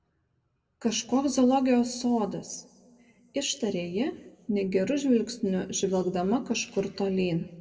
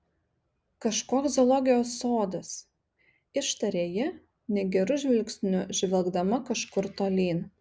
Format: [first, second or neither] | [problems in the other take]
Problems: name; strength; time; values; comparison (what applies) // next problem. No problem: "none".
second | room echo; dies away in 0.9 s